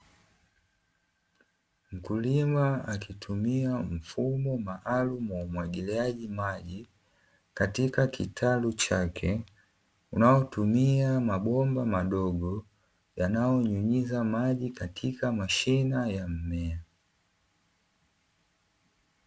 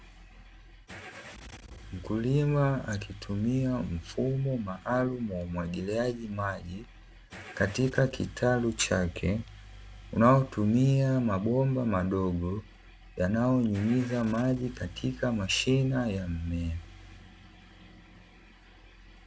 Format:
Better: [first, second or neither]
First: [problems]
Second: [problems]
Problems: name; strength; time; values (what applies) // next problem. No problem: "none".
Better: first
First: none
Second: background sound (Engine starting / Car); 19 dB below the speech